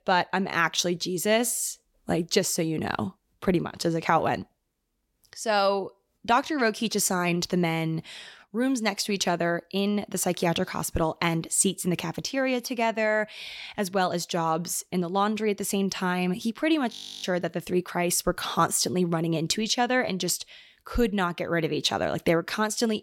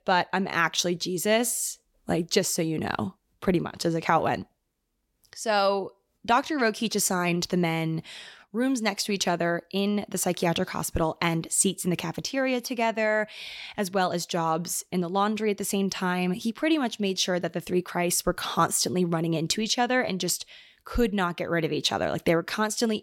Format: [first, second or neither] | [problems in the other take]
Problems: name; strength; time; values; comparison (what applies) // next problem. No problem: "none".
second | audio freezing; at 17 s